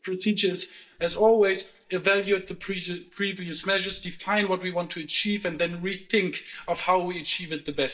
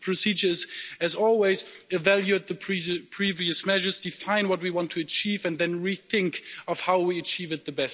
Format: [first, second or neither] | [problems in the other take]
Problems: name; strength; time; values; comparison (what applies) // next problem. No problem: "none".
second | noise reduction (neural mask model DeepFilterNet 3)